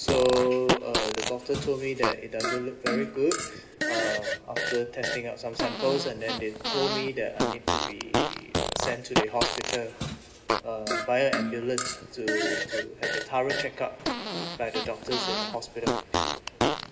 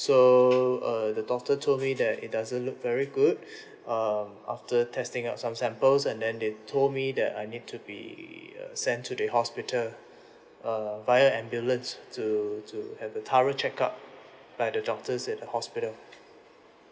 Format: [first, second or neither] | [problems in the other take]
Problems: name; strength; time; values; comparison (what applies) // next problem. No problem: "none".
second | background sound (Fart); as loud as the speech // room echo; dies away in 2.1 s